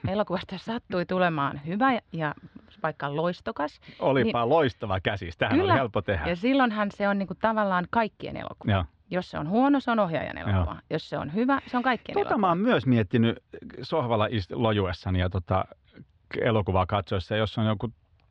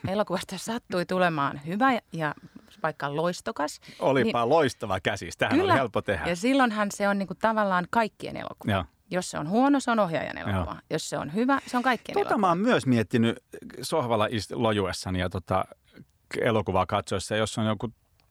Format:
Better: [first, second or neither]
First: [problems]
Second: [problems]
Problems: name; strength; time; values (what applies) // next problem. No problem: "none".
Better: second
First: muffled; slightly; fading above 3.5 kHz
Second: none